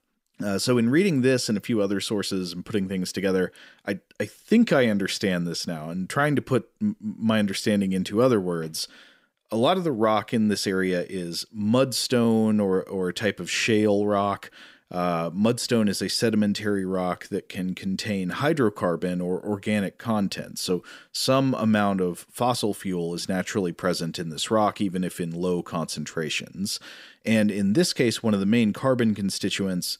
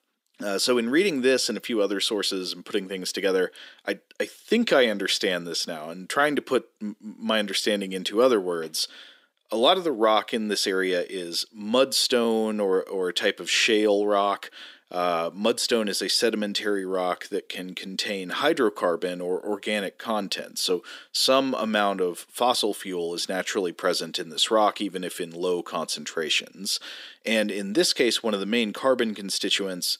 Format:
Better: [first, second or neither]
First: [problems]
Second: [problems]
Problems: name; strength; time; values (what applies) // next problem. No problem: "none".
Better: first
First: none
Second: thin; somewhat; fading below 300 Hz